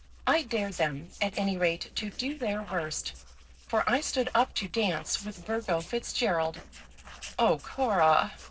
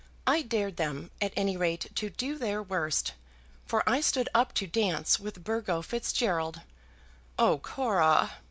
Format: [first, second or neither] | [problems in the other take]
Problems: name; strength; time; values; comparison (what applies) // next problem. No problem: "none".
second | noise reduction (neural separator model SepFormer DNS4)